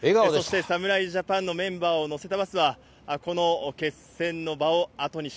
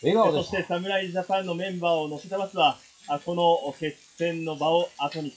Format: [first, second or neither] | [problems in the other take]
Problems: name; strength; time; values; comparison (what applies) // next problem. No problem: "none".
first | noise reduction (classical method WPE with log-MMSE)